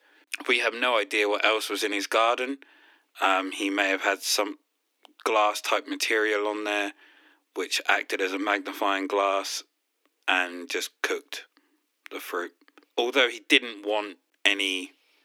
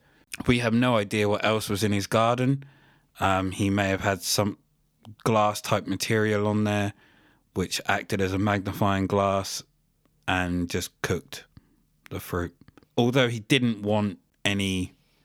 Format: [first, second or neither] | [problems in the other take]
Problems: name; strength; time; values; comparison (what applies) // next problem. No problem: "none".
second | thin; somewhat; fading below 300 Hz